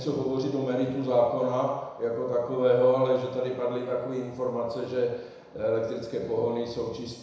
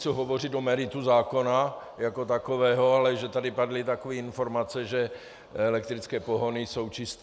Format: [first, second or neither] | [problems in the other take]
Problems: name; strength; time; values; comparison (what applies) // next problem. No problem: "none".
second | room echo; dies away in 0.9 s